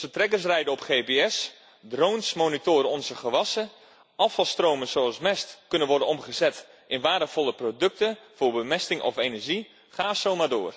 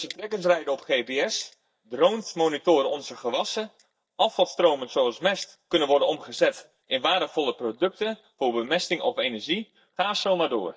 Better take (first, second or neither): first